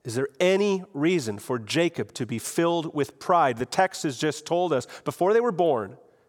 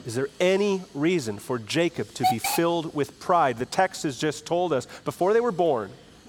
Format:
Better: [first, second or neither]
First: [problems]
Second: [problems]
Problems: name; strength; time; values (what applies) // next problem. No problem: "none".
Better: first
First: none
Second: hiss; loud; throughout; 1 dB below the speech